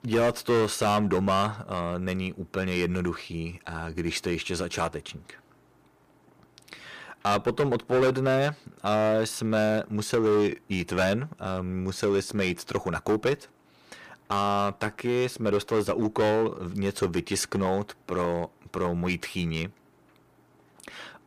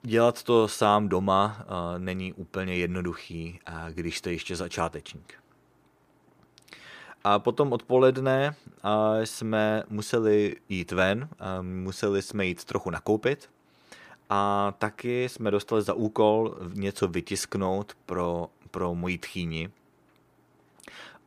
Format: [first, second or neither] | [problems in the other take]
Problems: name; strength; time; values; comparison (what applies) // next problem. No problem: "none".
second | distortion; heavy; 6% of the sound clipped